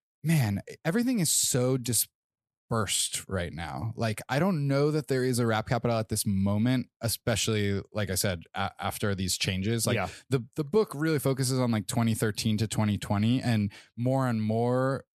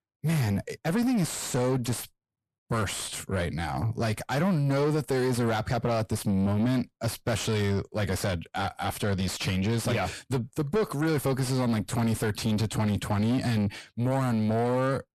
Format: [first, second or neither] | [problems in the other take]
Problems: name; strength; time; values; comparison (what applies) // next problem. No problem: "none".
first | distortion; heavy; 7 dB below the speech